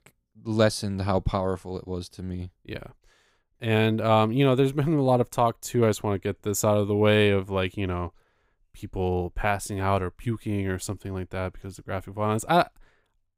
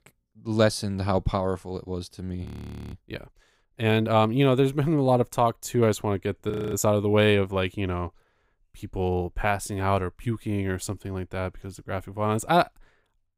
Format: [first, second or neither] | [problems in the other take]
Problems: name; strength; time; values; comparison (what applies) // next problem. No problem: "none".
first | audio freezing; at 2.5 s and at 6.5 s